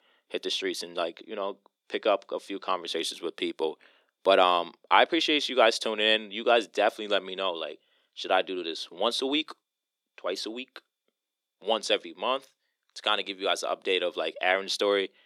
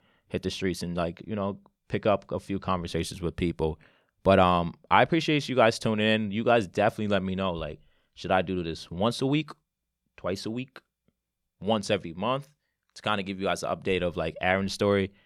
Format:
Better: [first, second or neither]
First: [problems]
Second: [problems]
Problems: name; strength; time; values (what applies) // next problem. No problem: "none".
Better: second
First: thin; somewhat; fading below 300 Hz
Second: none